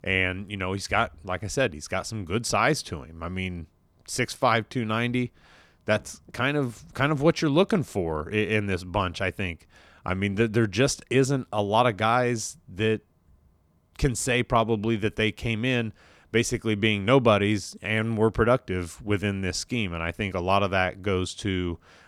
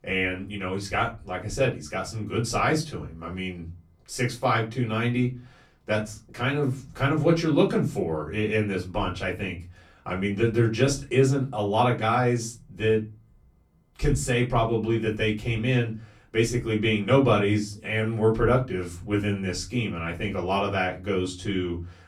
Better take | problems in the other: first | off-mic speech; far // room echo; very slight; dies away in 0.3 s

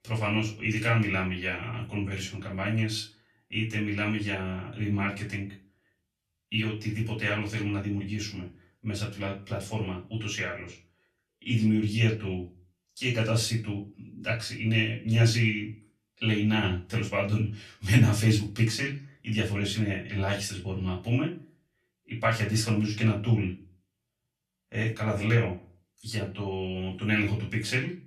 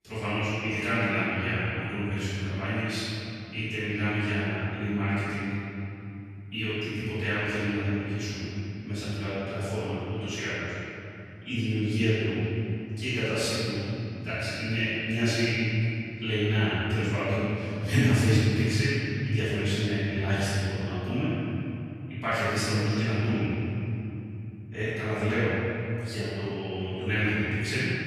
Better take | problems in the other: first | room echo; strong; dies away in 3 s; slight in the first // off-mic speech; far; far in the first

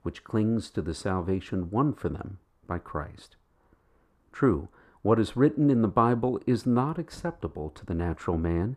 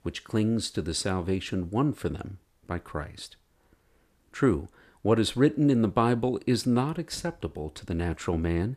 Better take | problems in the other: second | muffled; slightly; fading above 2 kHz

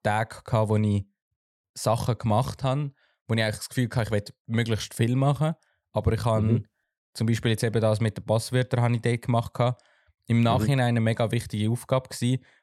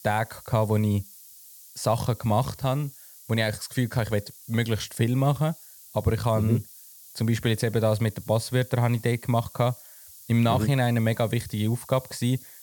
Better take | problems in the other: first | hiss; noticeable; throughout; 20 dB below the speech

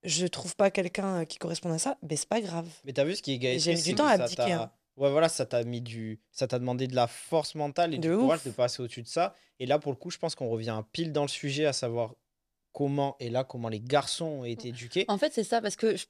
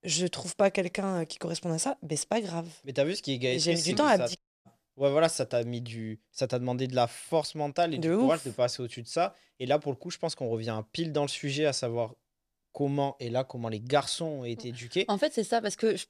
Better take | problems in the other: first | audio cutting out; at 4.5 s

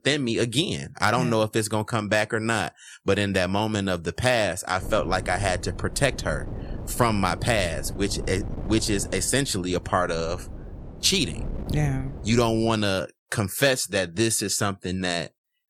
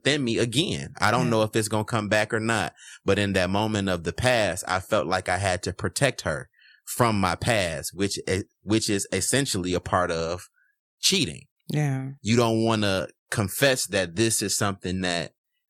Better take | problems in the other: second | wind noise on the microphone; occasional gusts; from 5 to 13 s; 20 dB below the speech

